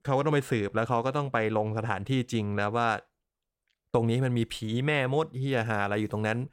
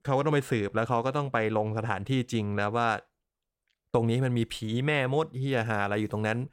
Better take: neither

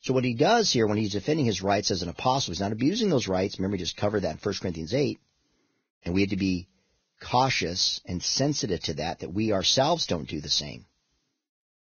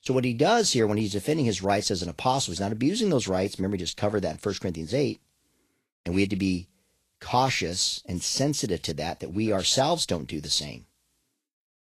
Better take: second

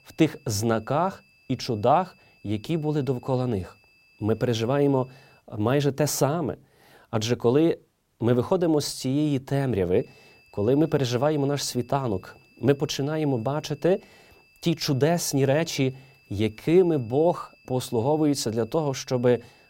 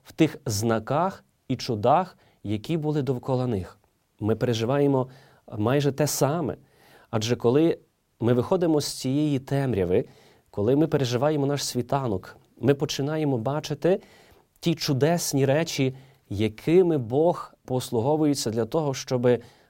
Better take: second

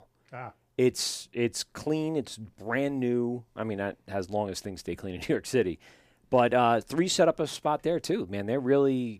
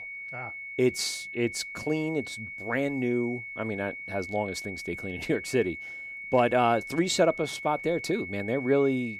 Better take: first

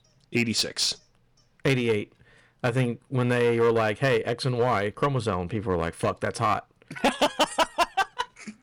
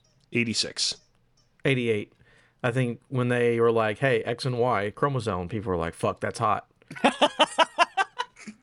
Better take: second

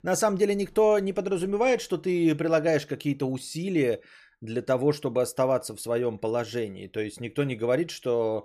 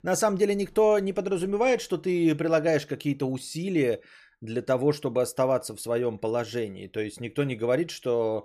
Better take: neither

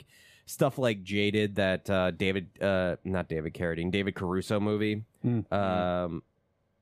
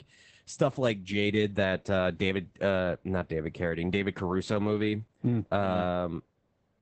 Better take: first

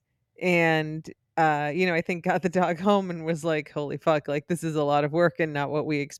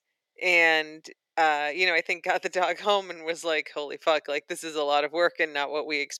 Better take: first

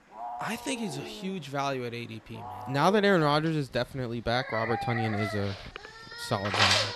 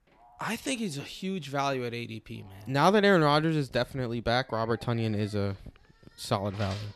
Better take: second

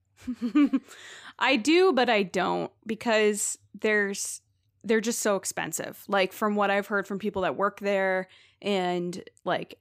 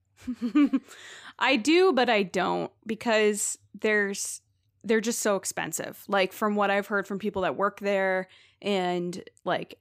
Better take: neither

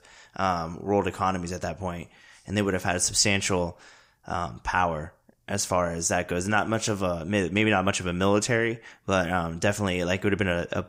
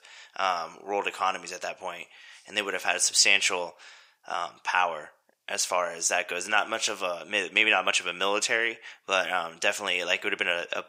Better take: first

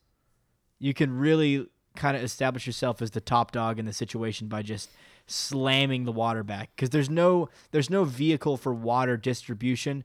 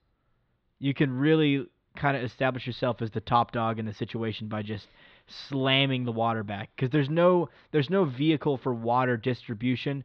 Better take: first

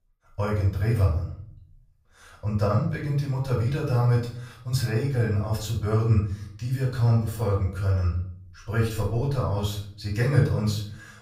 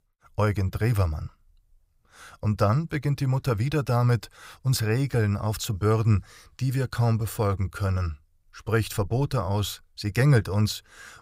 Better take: second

